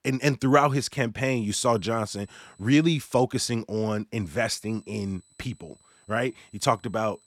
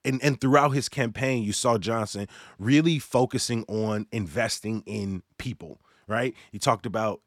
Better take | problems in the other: second | high-pitched whine; faint; from 1.5 to 3 s and from 4 s on; 8 kHz, 35 dB below the speech

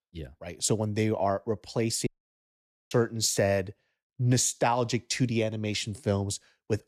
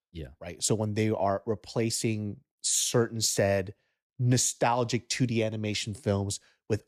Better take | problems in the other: second | audio cutting out; at 2 s for 1 s

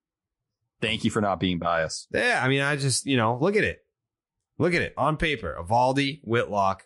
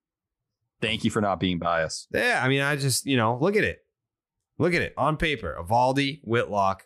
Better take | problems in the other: second | garbled, watery; slightly; nothing above 11 kHz

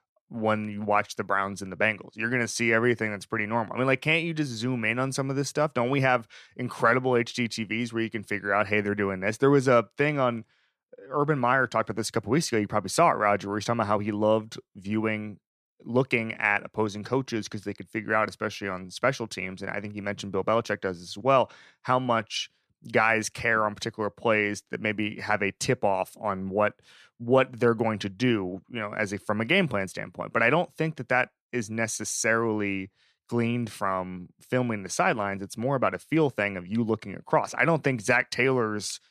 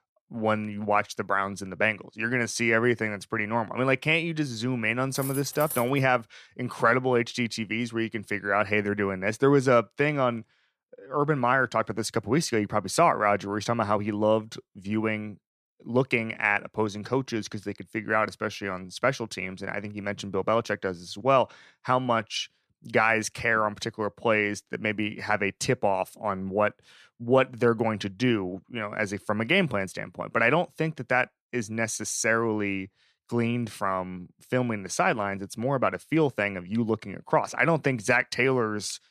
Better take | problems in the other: first | clattering dishes; noticeable; at 5 s; peak 8 dB below the speech

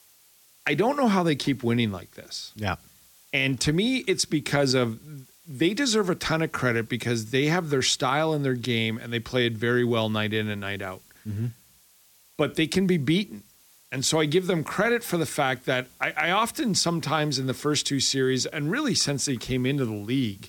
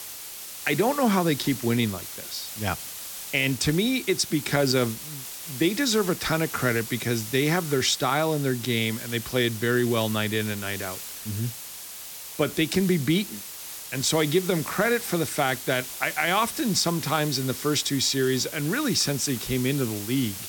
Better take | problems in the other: first | hiss; loud; throughout; 10 dB below the speech; faint in the first

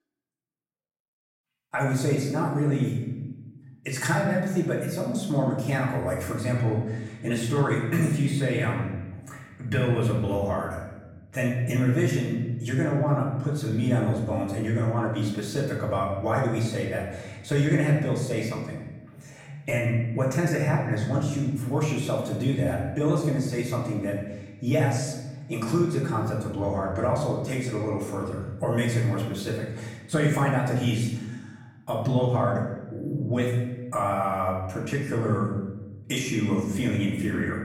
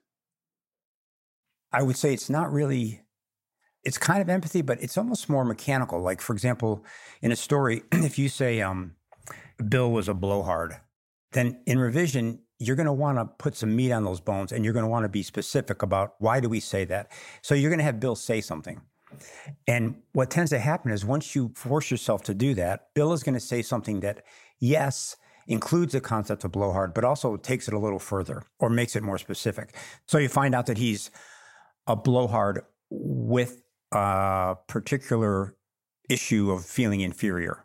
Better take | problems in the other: second | room echo; noticeable; dies away in 1.1 s // off-mic speech; far

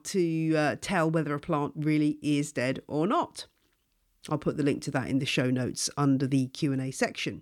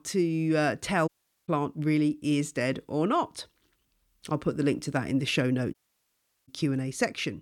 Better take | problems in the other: first | audio cutting out; at 1 s and at 5.5 s for 0.5 s

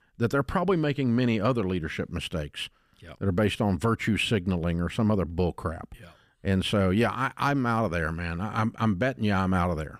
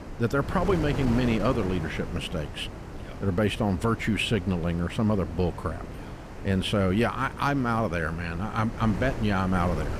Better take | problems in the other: first | wind noise on the microphone; occasional gusts; 10 dB below the speech

